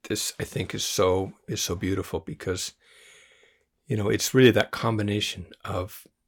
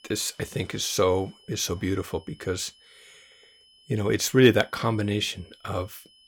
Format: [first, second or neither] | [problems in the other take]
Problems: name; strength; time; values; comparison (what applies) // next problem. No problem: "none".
first | high-pitched whine; faint; throughout; 3 kHz, 30 dB below the speech